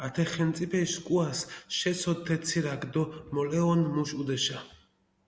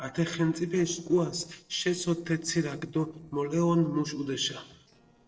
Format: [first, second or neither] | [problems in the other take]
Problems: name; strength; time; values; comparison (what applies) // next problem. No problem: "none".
first | noise reduction (neural separator model SepFormer DNS4)